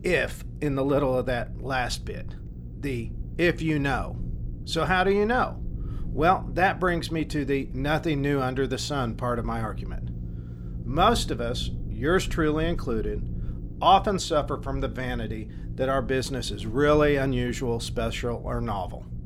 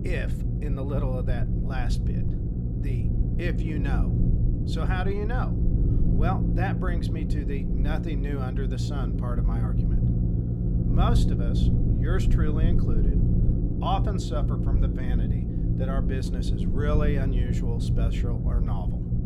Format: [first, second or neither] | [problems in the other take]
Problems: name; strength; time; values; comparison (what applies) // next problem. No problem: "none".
first | low rumble; loud; throughout; 2 dB below the speech; faint in the first